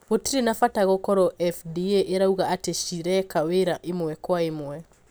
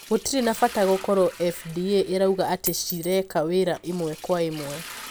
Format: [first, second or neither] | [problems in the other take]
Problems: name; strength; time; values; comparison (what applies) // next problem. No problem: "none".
first | background sound (Coin (dropping) + Liquid); 15 dB below the speech